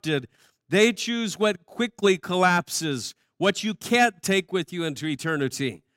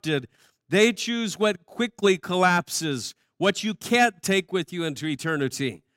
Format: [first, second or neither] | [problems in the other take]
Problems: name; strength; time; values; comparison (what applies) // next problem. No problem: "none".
neither | none